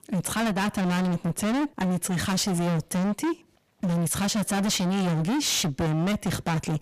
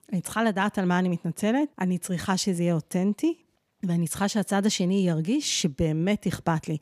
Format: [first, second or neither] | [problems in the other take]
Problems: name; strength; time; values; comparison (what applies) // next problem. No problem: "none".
second | distortion; heavy; 42% of the sound clipped